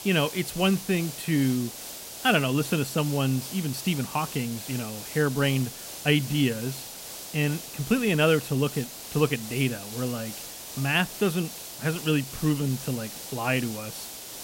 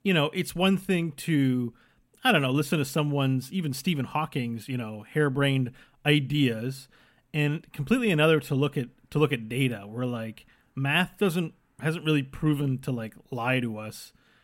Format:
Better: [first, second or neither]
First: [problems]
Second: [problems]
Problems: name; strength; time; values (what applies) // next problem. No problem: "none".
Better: second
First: hiss; loud; throughout; 10 dB below the speech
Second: none